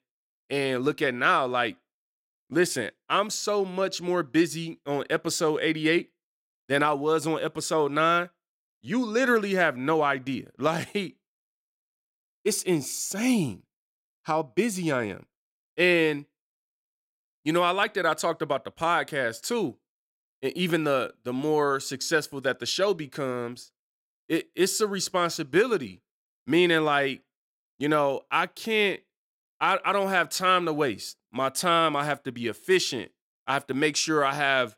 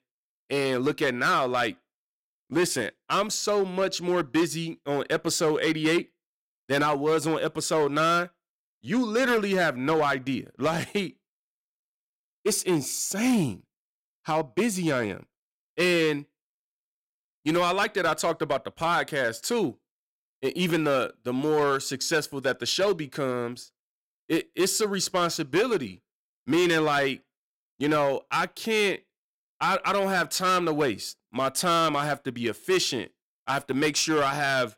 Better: first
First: none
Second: distortion; slight; 6% of the sound clipped

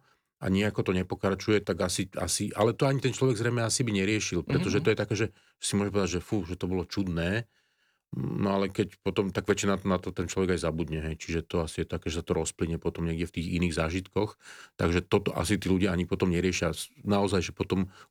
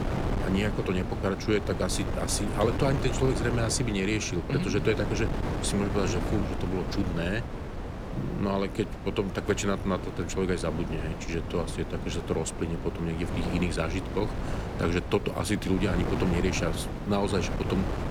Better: first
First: none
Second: wind noise on the microphone; heavy; 6 dB below the speech

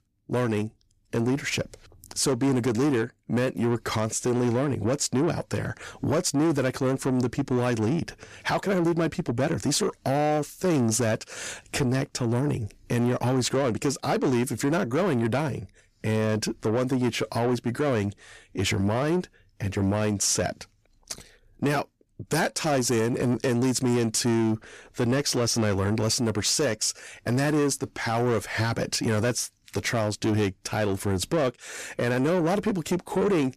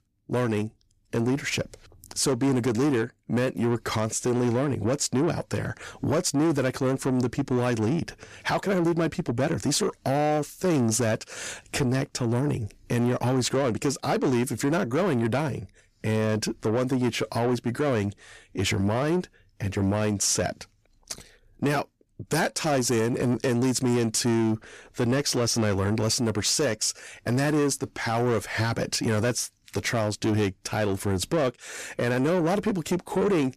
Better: neither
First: distortion; slight; 10 dB below the speech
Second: distortion; slight; 10 dB below the speech

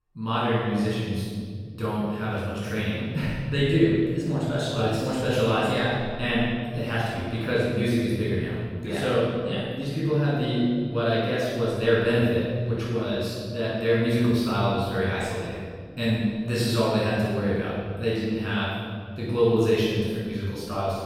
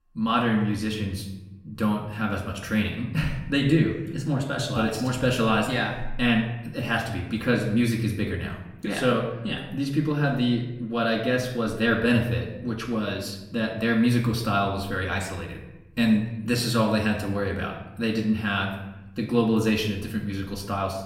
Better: second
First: room echo; strong; dies away in 2.2 s // off-mic speech; far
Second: room echo; slight; dies away in 0.8 s // off-mic speech; somewhat distant

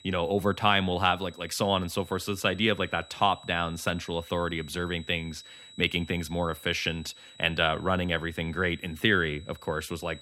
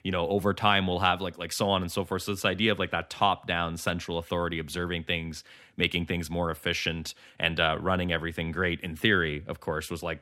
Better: second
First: high-pitched whine; faint; throughout; 4 kHz, 20 dB below the speech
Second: none

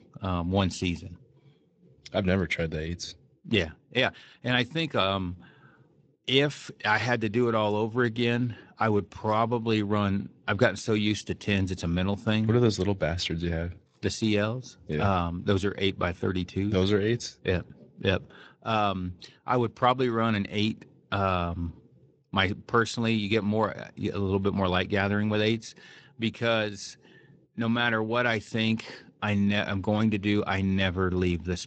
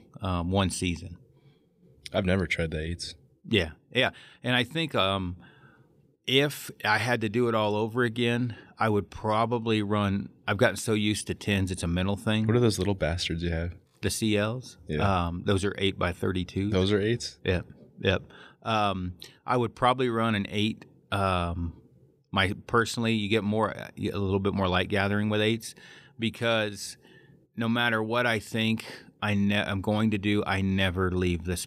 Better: second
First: garbled, watery; slightly; nothing above 8 kHz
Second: none

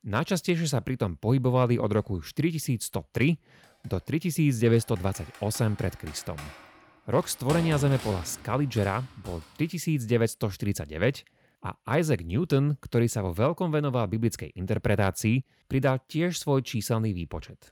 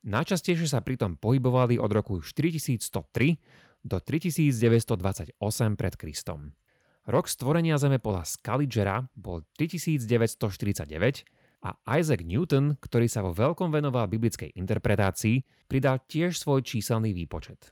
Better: second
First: keyboard typing; noticeable; from 5 to 9.5 s; peak 7 dB below the speech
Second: none

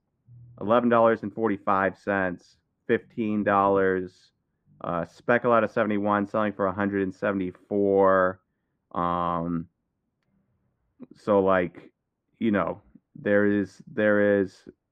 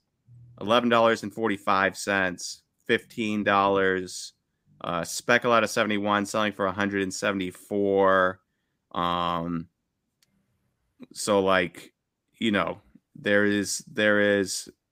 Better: second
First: muffled; very; fading above 3.5 kHz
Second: none

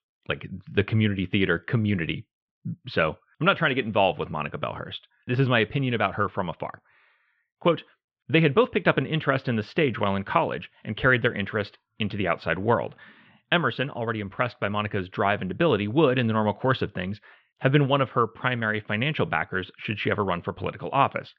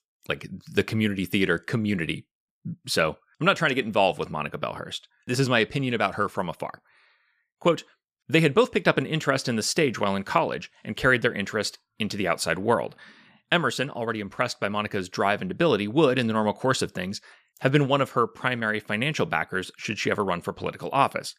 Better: second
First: muffled; very; fading above 3.5 kHz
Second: none

